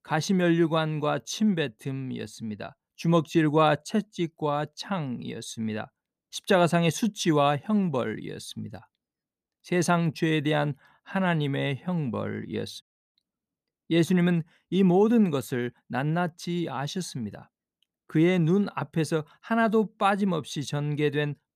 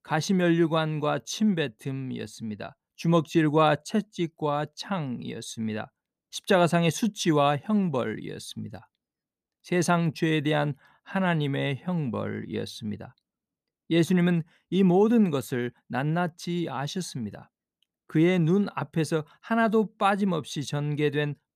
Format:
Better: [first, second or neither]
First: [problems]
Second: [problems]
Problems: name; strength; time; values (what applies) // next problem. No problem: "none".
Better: second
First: audio cutting out; at 13 s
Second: none